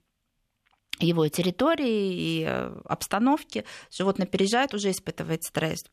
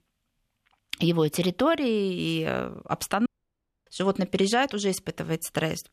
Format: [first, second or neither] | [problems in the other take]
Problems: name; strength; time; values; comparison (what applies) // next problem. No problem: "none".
first | audio cutting out; at 3.5 s for 0.5 s